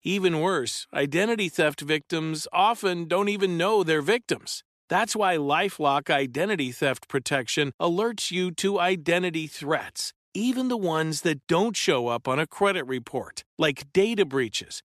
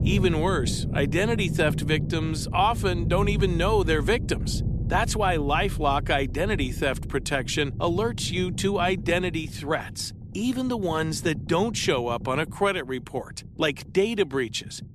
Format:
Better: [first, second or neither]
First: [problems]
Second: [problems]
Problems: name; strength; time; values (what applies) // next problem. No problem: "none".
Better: first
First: none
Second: low rumble; noticeable; throughout; 15 dB below the speech